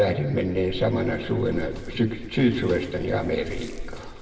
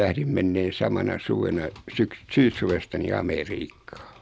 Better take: second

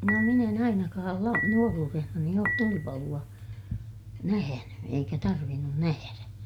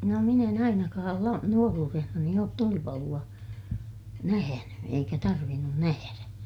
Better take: second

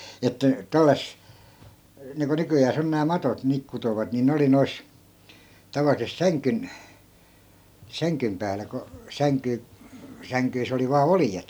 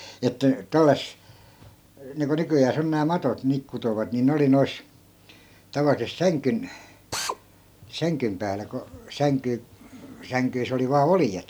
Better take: first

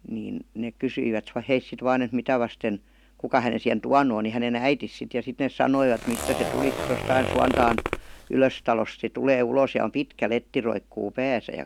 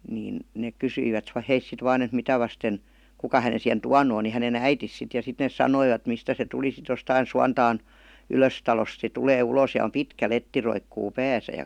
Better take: second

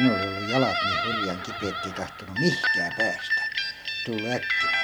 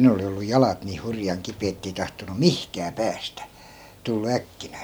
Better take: second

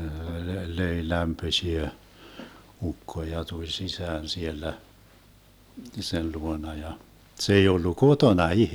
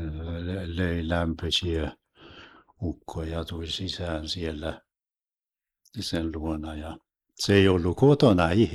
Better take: first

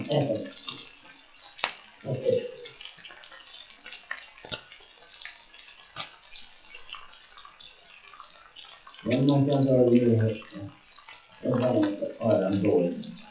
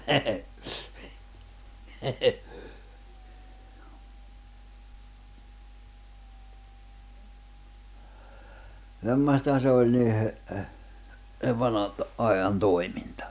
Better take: second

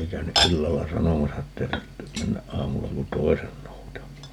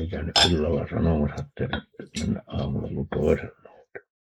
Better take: first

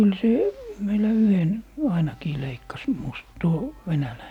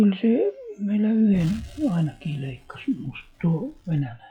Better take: first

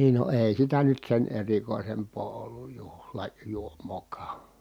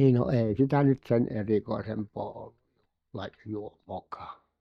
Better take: first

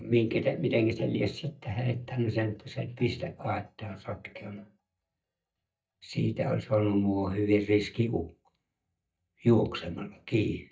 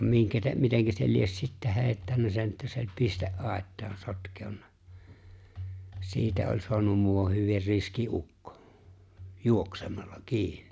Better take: second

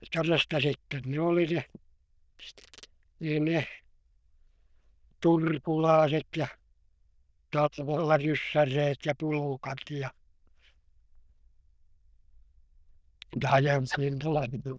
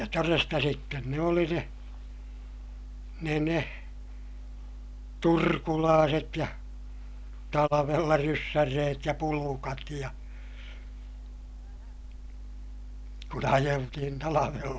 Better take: second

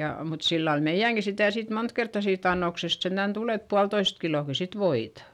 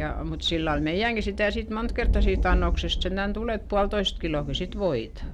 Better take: first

